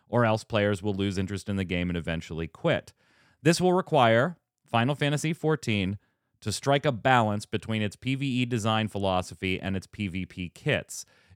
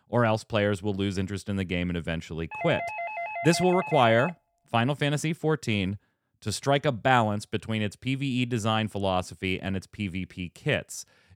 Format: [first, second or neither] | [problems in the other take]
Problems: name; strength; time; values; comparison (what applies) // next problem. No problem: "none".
first | doorbell; noticeable; from 2.5 to 4.5 s; peak 5 dB below the speech